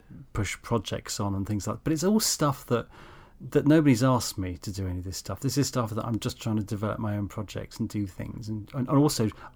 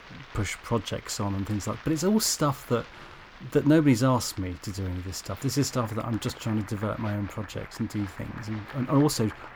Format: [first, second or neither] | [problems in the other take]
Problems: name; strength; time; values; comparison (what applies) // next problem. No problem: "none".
first | crowd noise; noticeable; throughout; 20 dB below the speech